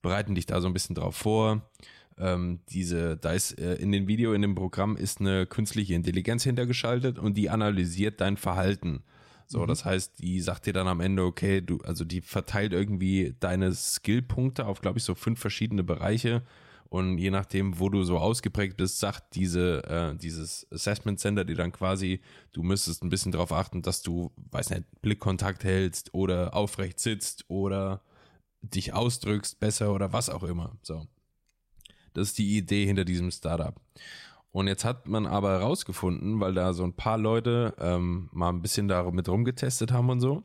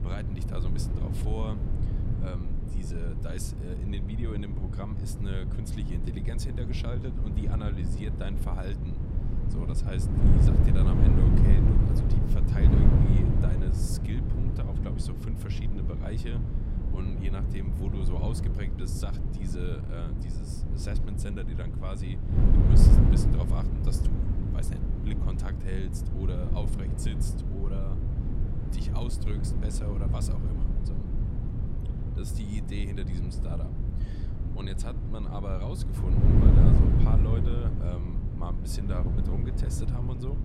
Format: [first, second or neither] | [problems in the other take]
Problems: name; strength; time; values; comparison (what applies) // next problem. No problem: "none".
first | wind noise on the microphone; heavy; 3 dB above the speech